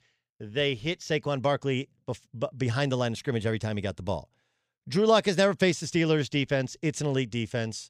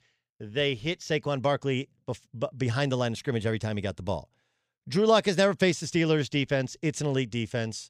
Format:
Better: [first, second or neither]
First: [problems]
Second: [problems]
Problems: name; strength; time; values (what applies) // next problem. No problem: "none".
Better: neither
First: none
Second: none